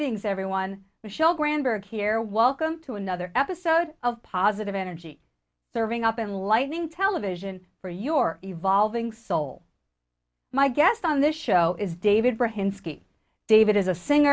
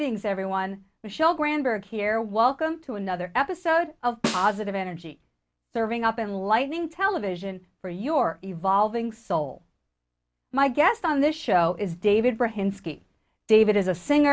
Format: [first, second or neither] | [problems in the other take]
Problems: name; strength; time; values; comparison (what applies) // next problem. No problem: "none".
first | background sound (Snare drum); 9 dB below the speech